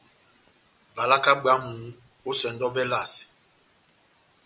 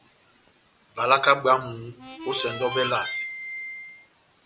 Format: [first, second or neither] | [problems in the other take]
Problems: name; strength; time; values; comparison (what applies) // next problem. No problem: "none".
first | background sound (Harmonica); 8 dB below the speech